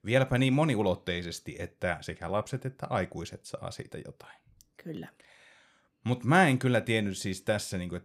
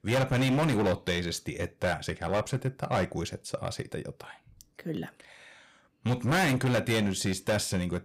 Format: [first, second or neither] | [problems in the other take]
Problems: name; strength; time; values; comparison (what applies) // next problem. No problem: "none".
first | distortion; heavy; 12% of the sound clipped